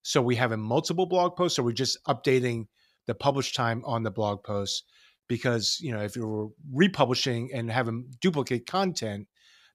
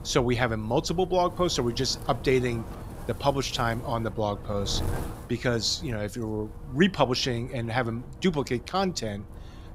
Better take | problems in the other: first | wind noise on the microphone; occasional gusts; 20 dB below the speech

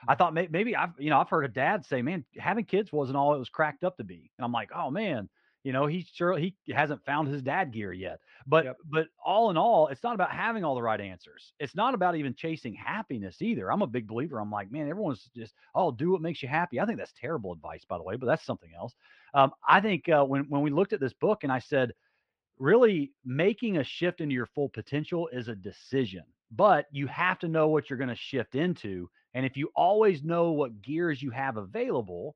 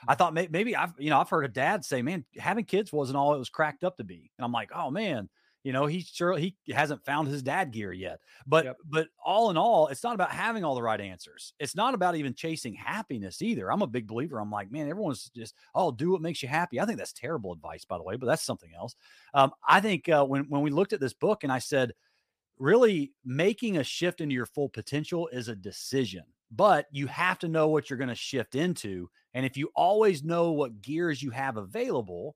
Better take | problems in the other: second | muffled; slightly; fading above 3 kHz

